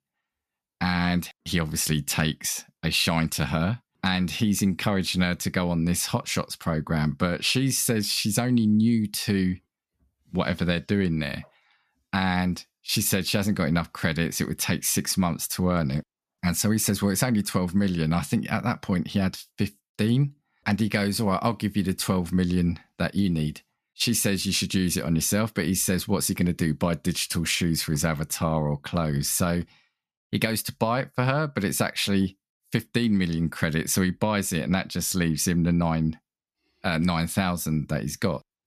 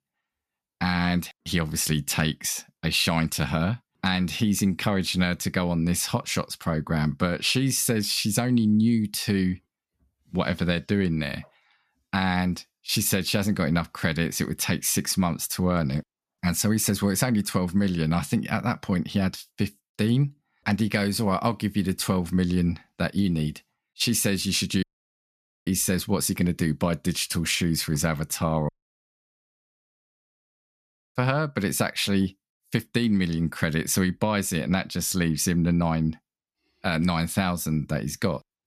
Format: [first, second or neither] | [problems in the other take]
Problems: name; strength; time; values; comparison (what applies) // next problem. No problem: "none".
first | audio cutting out; at 25 s for 1 s and at 29 s for 2.5 s